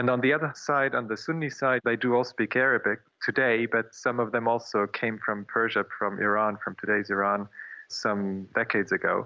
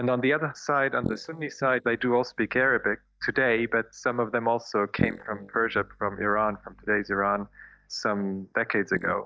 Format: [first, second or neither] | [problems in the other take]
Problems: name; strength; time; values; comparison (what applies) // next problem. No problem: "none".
first | noise reduction (neural mask model DeepFilterNet 3)